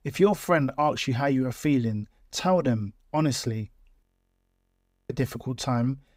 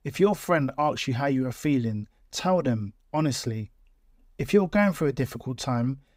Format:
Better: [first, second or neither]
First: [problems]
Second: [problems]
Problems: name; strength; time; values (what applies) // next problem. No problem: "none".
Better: second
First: audio freezing; at 4 s for 1 s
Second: none